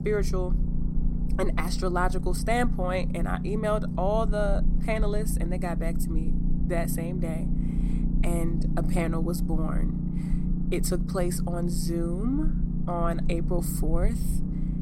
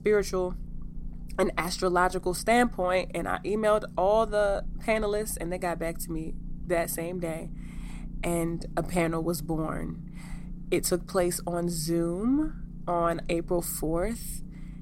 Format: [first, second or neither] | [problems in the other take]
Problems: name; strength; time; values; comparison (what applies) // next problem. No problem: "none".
second | low rumble; loud; throughout; 8 dB below the speech; faint in the second